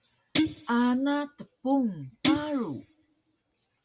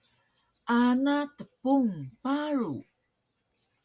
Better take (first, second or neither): second